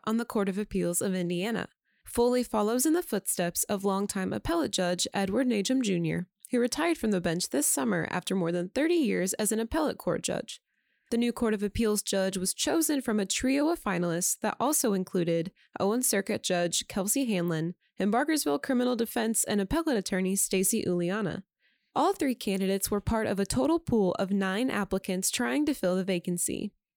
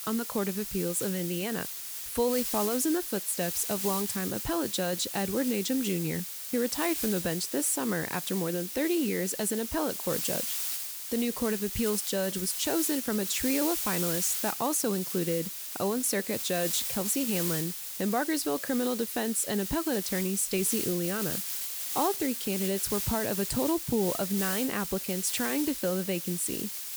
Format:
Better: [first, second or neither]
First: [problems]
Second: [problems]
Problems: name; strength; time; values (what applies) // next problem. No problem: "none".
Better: first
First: none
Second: hiss; loud; throughout; 1 dB below the speech